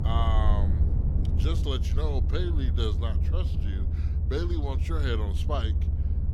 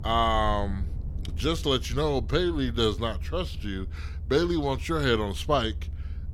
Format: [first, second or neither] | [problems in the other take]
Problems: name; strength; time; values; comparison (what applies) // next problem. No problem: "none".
second | low rumble; loud; throughout; 7 dB below the speech; faint in the second